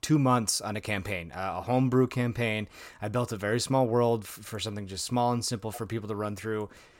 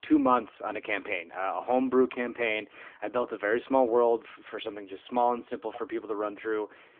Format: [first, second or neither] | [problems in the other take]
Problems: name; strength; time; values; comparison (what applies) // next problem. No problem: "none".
first | phone-call audio; nothing above 3.5 kHz